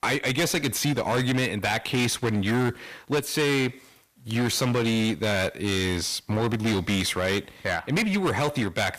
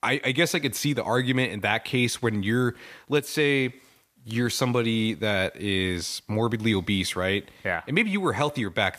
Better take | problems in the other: second | distortion; heavy; 20% of the sound clipped

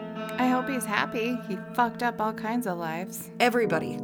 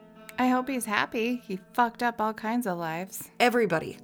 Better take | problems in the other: second | background music; loud; throughout; 9 dB below the speech; faint in the second

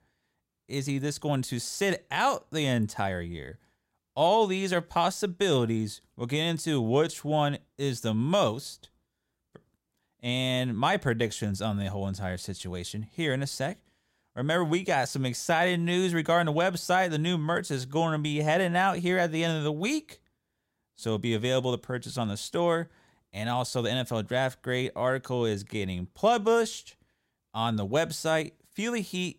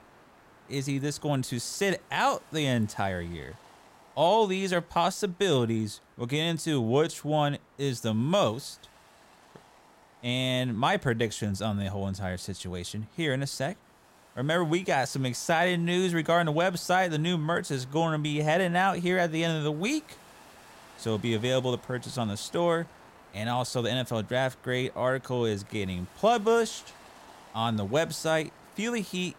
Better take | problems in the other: first | hiss; faint; throughout; 25 dB below the speech

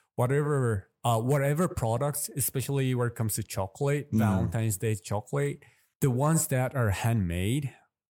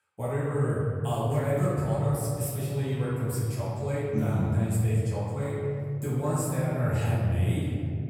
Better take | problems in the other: first | room echo; strong; dies away in 2.8 s // off-mic speech; far

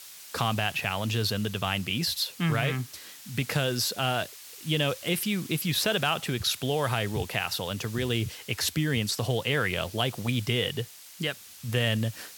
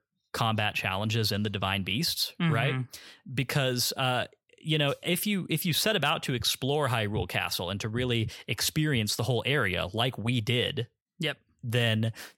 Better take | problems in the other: second | hiss; noticeable; throughout; 15 dB below the speech

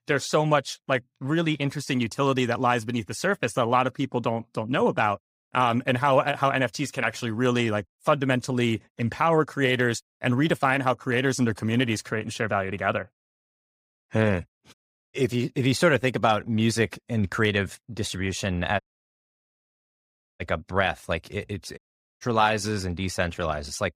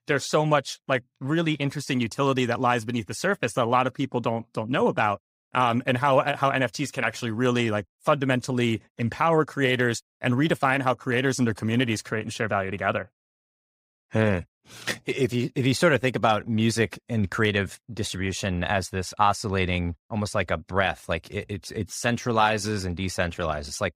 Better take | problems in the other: second | audio cutting out; at 15 s, at 19 s for 1.5 s and at 22 s

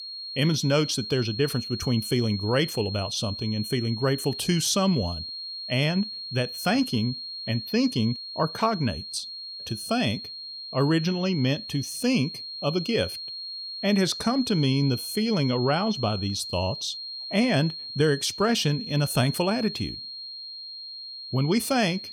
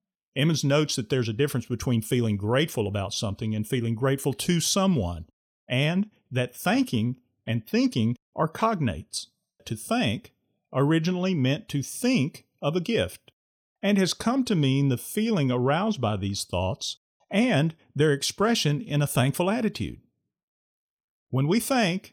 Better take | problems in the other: second | high-pitched whine; loud; throughout; 4.5 kHz, 8 dB below the speech

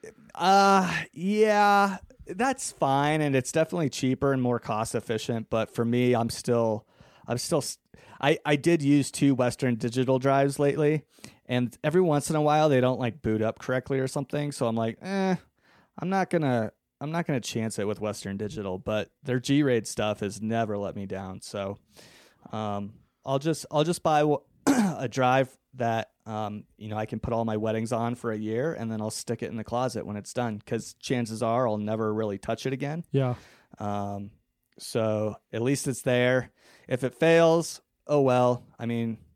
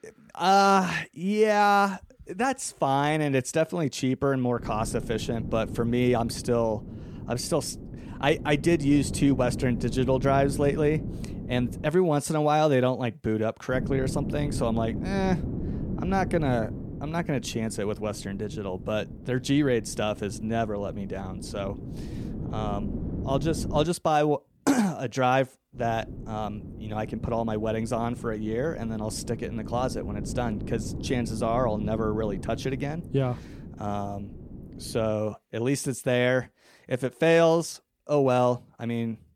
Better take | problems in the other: first | wind noise on the microphone; occasional gusts; from 4.5 to 12 s, from 14 to 24 s and from 26 to 35 s; 15 dB below the speech

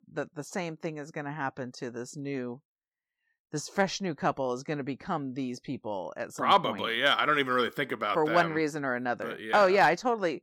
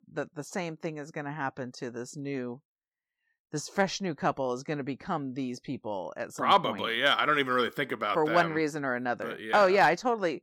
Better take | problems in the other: neither | none

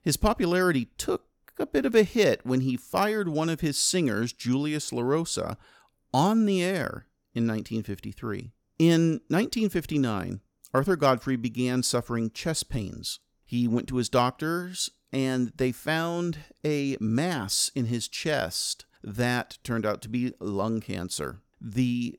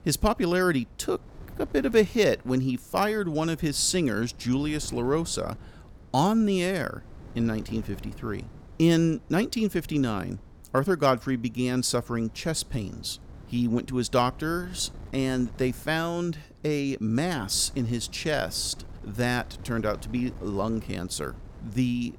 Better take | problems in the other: first | wind noise on the microphone; occasional gusts; 25 dB below the speech

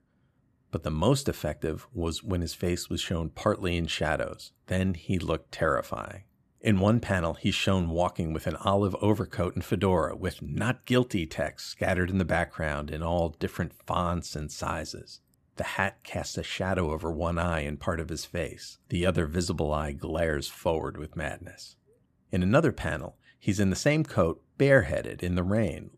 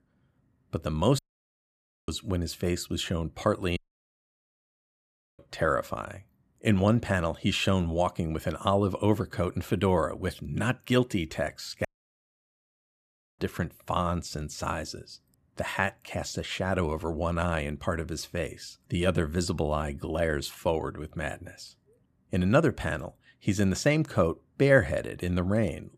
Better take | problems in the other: first | audio cutting out; at 1 s for 1 s, at 4 s for 1.5 s and at 12 s for 1.5 s

